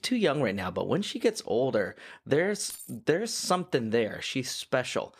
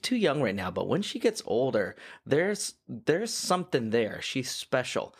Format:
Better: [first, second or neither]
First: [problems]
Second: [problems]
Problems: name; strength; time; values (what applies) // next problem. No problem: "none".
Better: second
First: jangling keys; faint; at 2.5 s; peak 15 dB below the speech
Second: none